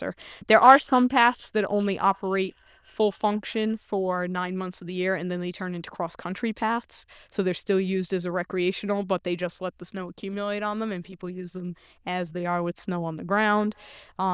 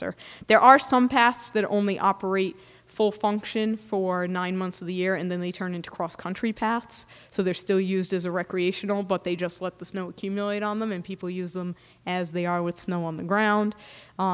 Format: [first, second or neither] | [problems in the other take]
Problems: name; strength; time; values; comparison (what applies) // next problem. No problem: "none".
second | noise reduction (neural diffusion model UNIVERSE++)